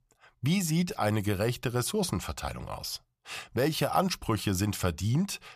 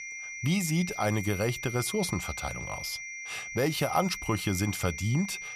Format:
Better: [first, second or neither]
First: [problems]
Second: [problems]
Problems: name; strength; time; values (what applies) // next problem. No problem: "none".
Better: first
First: none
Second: high-pitched whine; loud; throughout; 2 kHz, 7 dB below the speech